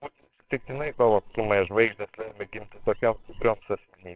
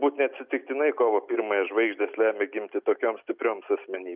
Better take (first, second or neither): second